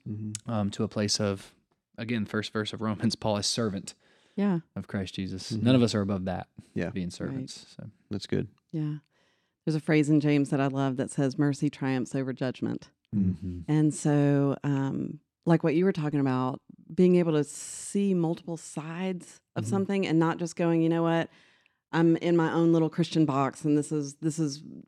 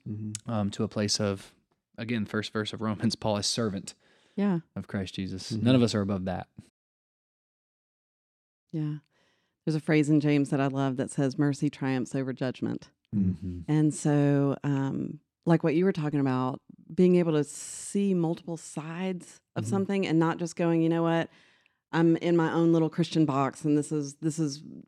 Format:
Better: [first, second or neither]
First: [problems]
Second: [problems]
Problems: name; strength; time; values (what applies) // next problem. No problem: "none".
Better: first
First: none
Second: audio cutting out; at 6.5 s for 2 s